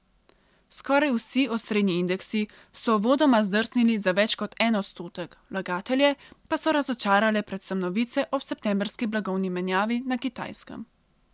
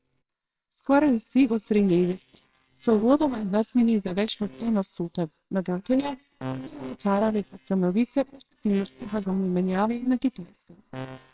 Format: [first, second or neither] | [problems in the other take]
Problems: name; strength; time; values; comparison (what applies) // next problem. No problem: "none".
first | noise reduction (neural separator model SepFormer WHAMR!)